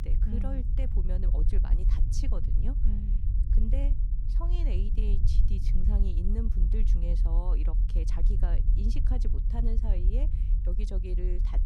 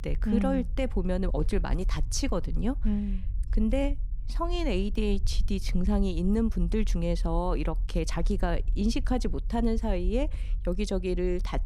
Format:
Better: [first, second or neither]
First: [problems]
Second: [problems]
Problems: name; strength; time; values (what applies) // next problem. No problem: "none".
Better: second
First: low rumble; loud; throughout; 4 dB below the speech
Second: low rumble; faint; throughout; 25 dB below the speech